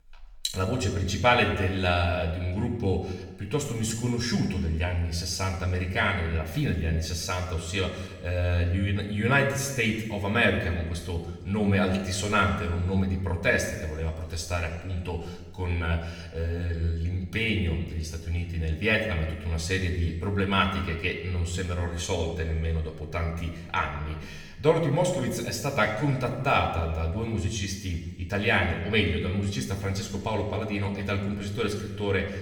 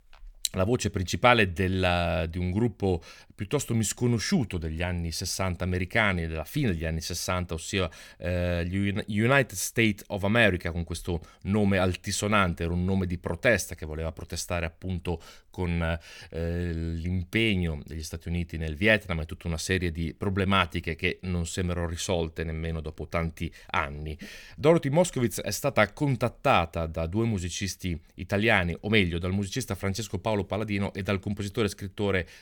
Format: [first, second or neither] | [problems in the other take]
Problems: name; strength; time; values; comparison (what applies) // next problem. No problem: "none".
second | room echo; noticeable; dies away in 1.1 s // off-mic speech; somewhat distant